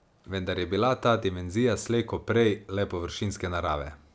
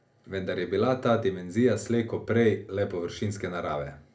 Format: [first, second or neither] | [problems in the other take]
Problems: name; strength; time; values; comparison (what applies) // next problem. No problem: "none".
first | room echo; dies away in 0.3 s